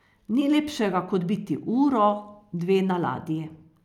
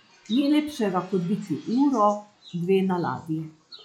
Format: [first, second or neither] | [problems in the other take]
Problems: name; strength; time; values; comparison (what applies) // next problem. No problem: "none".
first | noise reduction (classical method log-MMSE)